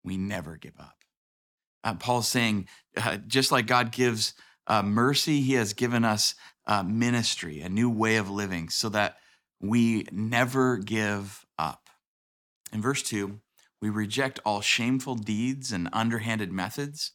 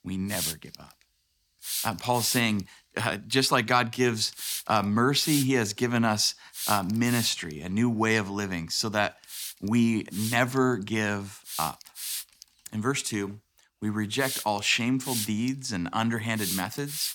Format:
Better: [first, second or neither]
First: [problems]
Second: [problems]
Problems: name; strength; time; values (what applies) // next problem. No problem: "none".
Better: first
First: none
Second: hiss; loud; throughout; 7 dB below the speech